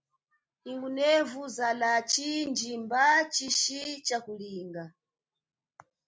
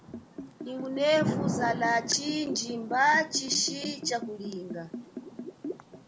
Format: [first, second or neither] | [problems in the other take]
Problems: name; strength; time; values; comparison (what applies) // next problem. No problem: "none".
first | background sound (Thunder / Rain + Liquid); 6 dB below the speech